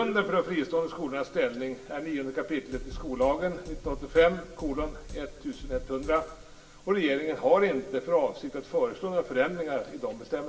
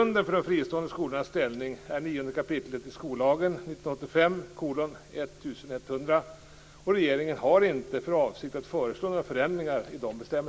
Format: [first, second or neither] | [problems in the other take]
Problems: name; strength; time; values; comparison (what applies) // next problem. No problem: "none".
second | background sound (Drum kit); 12 dB below the speech // room echo; dies away in 0.8 s